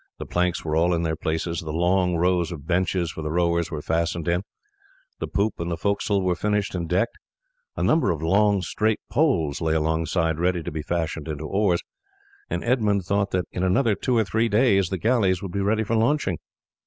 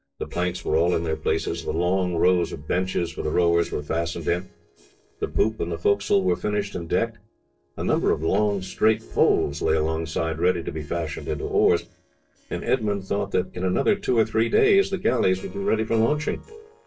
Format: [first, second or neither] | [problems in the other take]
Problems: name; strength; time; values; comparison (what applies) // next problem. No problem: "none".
first | noise reduction (neural separator model SepFormer DNS4)